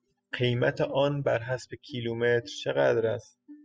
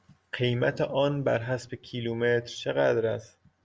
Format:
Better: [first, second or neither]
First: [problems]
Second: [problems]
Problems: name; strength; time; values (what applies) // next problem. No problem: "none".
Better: second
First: noise reduction (classical method spectral subtraction)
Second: none